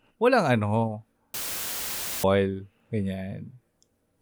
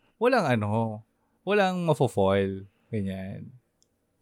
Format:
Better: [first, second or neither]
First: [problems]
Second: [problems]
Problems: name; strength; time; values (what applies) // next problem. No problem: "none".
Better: second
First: audio cutting out; filled with static; at 1.5 s for 1 s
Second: none